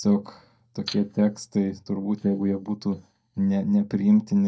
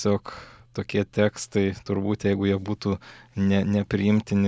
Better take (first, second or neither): second